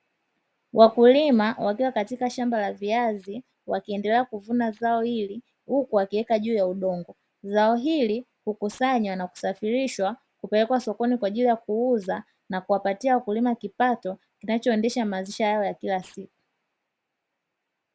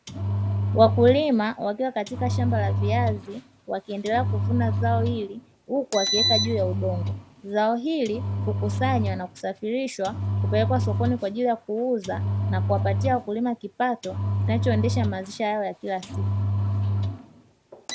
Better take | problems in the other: first | background sound (Engine); as loud as the speech

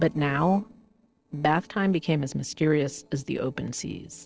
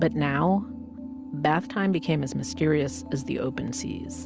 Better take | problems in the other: second | noise reduction (neural separator model SepFormer DNS4)

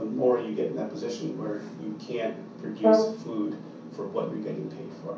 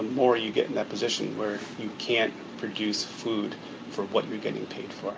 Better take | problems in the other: second | background sound (Brass instrument); 2 dB above the speech // room echo; dies away in 0.6 s

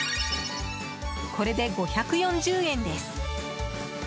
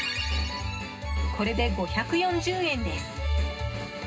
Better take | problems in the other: first | room echo; dies away in 0.2 s

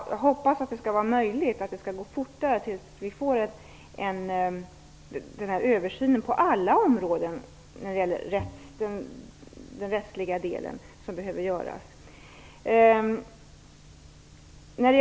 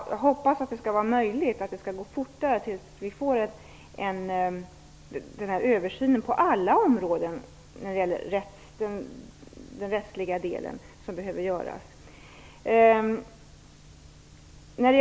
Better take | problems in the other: second | background sound (Bowed string instrument); 13 dB below the speech

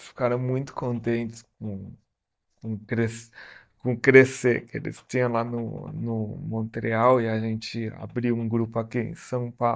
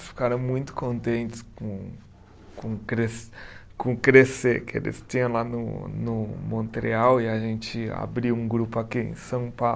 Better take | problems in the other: second | noise reduction (neural mask model DeepFilterNet 3)

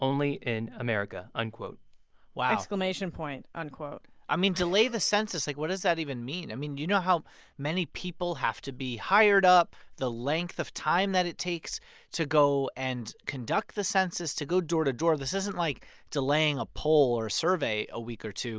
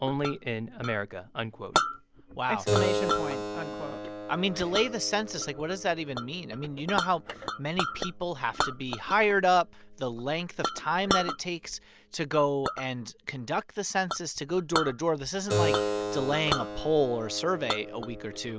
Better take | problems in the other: first | background sound (Keyboard (musical) + Chink, clink); 4 dB below the speech

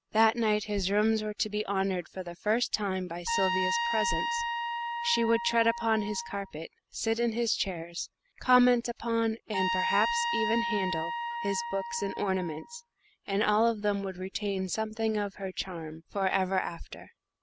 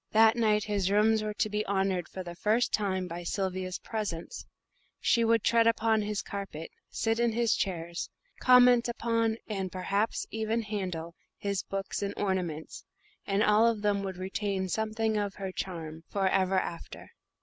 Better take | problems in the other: second | background sound (Trumpet); 3 dB below the speech

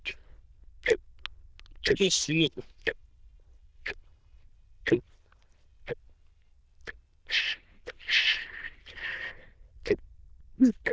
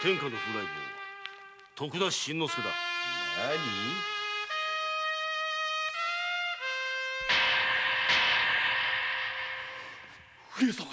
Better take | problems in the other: second | noise reduction (neural diffusion model UNIVERSE++)

